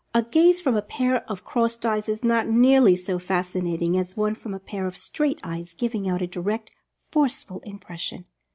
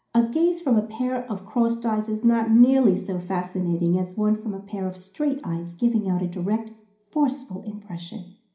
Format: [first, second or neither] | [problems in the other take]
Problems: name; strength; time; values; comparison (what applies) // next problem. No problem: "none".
first | room echo; dies away in 0.5 s